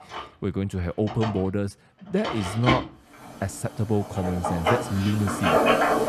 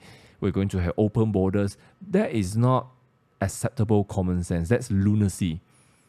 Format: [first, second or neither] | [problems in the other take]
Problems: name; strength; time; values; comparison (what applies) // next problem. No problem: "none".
second | household noises; very loud; throughout; 2 dB above the speech